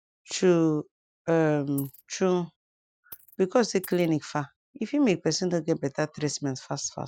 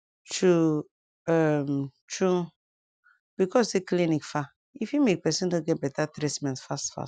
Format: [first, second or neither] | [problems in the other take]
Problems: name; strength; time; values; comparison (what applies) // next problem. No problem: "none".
second | noise reduction (neural mask model Resemble Enhance denoiser)